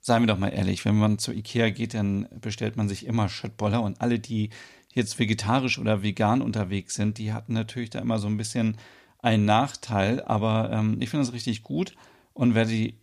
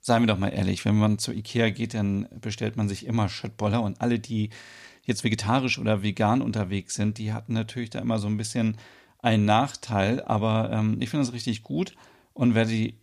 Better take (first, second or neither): first